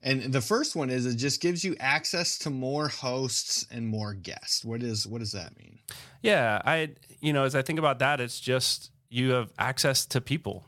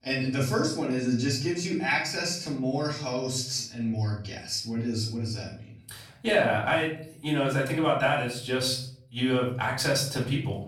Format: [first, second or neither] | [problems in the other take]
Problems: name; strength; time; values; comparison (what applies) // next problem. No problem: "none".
first | off-mic speech; far // room echo; slight; dies away in 0.5 s